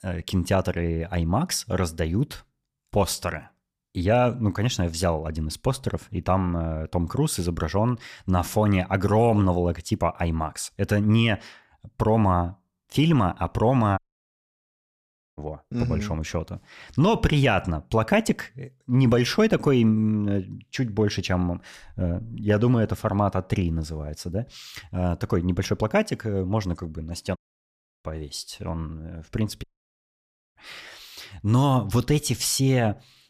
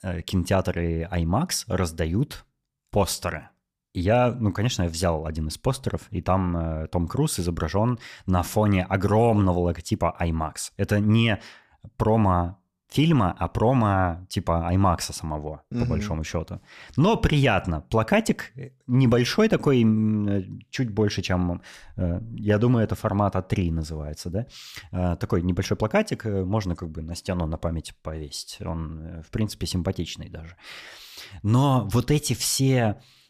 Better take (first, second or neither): second